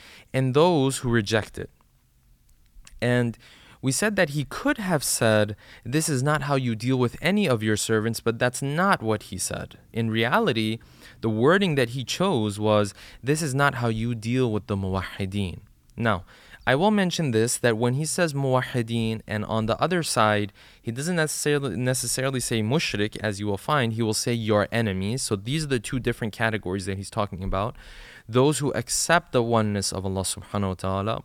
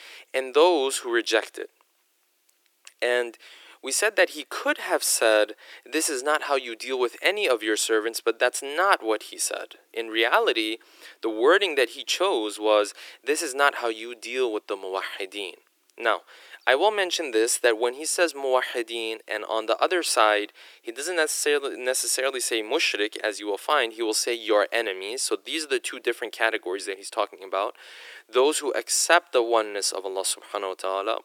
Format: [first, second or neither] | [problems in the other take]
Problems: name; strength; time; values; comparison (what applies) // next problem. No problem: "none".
first | thin; very; fading below 350 Hz